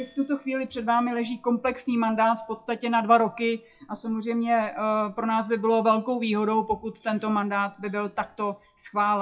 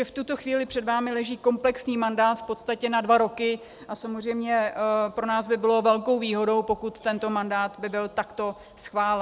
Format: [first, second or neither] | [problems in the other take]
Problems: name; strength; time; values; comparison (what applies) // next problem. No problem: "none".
second | noise reduction (classical method WPE with log-MMSE)